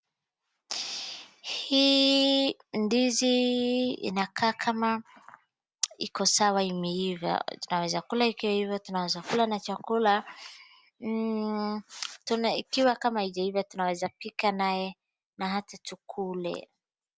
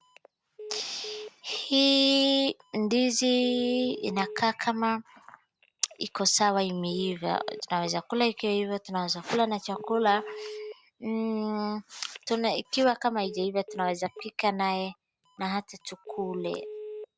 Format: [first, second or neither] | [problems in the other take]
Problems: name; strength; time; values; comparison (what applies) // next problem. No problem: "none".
first | background sound (Telephone); 17 dB below the speech